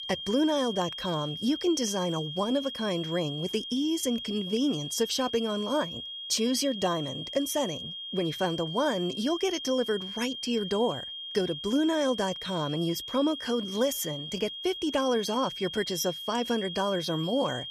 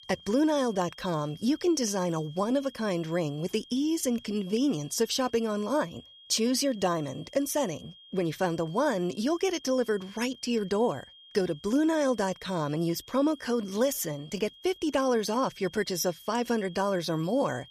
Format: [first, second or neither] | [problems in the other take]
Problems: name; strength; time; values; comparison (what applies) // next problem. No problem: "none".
second | high-pitched whine; loud; throughout; 3 kHz, 7 dB below the speech; faint in the second